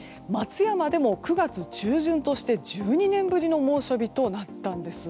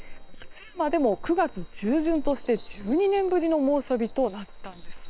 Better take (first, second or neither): first